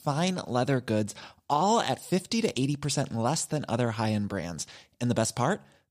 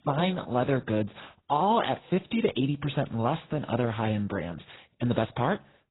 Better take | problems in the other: first | garbled, watery; badly; nothing above 4 kHz

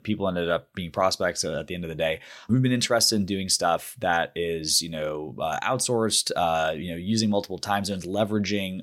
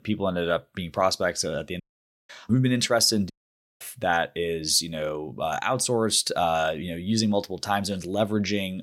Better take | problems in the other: first | audio cutting out; at 2 s and at 3.5 s for 0.5 s

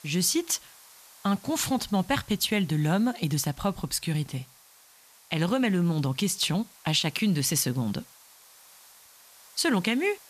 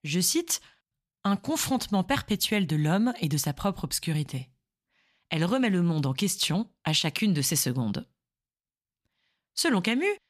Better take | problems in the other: second | hiss; faint; throughout; 25 dB below the speech

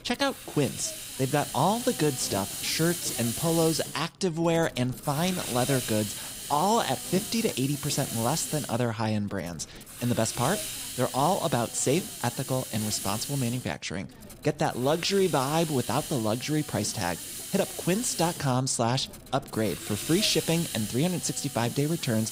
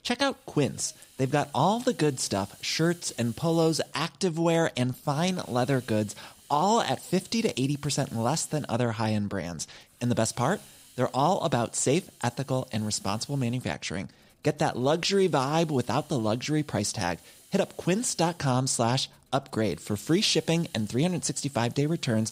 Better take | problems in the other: second | hiss; loud; throughout; 7 dB below the speech; faint in the second

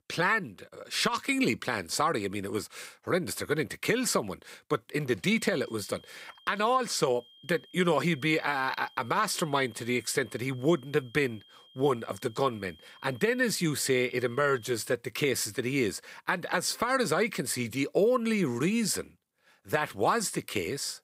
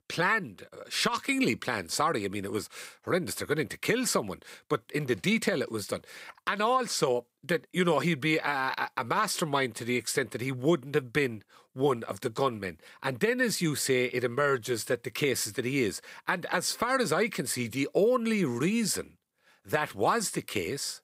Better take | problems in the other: second | high-pitched whine; faint; from 5 to 15 s; 3 kHz, 25 dB below the speech

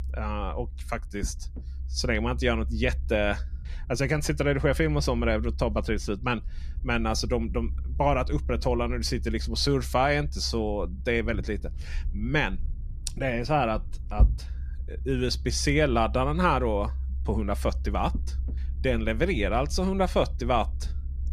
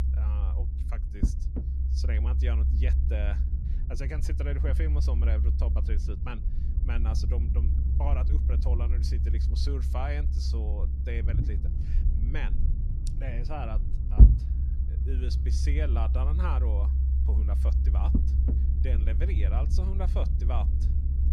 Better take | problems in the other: first | low rumble; loud; throughout; 4 dB below the speech; faint in the first

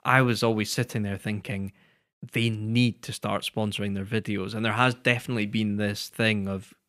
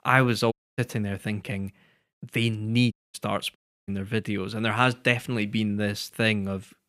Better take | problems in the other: first | audio cutting out; at 0.5 s, at 3 s and at 3.5 s

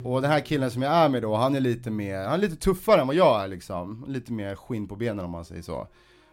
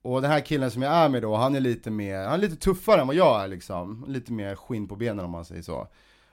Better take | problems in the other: second | background music; noticeable; throughout; 20 dB below the speech

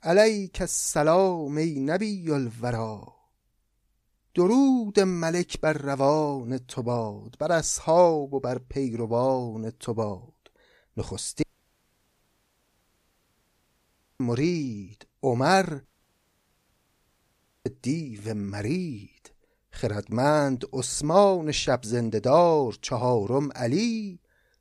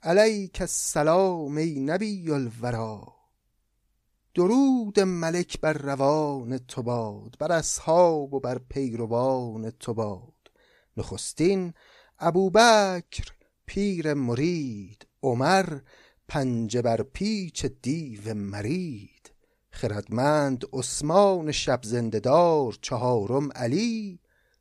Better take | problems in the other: second | audio cutting out; at 11 s for 3 s and at 16 s for 2 s

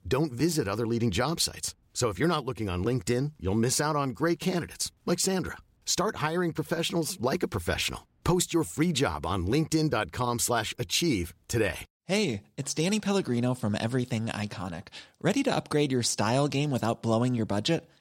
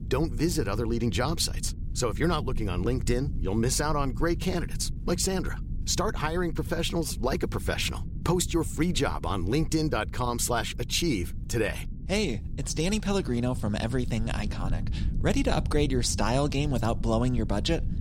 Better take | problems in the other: first | low rumble; noticeable; throughout; 20 dB below the speech

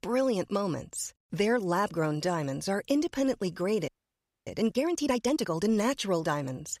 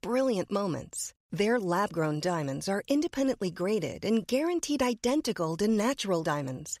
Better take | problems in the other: second | audio freezing; at 4 s for 0.5 s

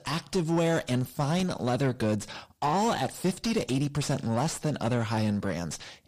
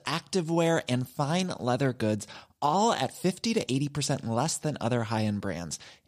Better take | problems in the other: second | distortion; slight; 9 dB below the speech

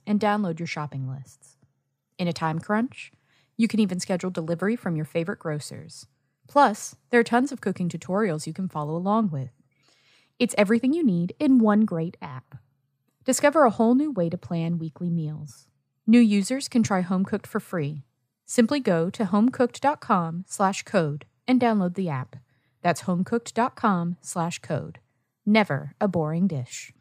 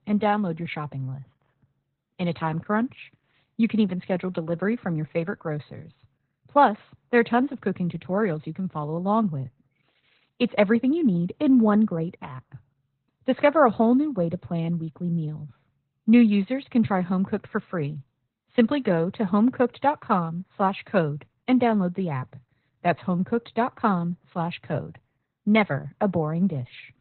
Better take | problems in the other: first | garbled, watery; badly; nothing above 4 kHz

